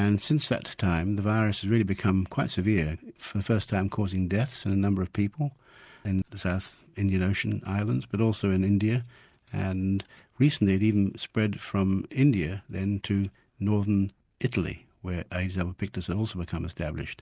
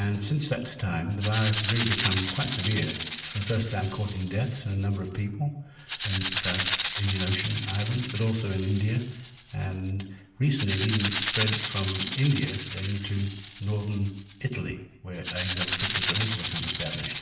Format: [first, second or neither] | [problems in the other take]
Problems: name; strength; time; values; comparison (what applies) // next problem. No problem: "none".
first | background sound (Rattle (instrument)); 5 dB below the speech // room echo; dies away in 0.8 s